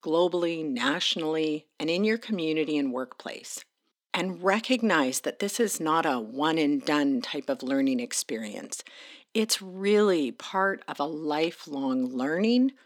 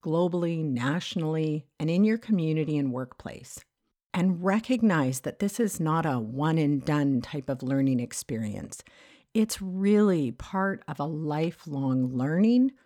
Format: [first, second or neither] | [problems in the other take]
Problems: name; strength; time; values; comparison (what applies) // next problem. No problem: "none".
second | thin; very slightly; fading below 250 Hz